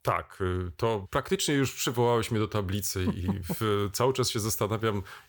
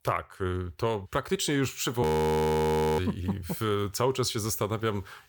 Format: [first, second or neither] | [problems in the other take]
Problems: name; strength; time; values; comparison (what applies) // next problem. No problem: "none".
first | audio freezing; at 2 s for 1 s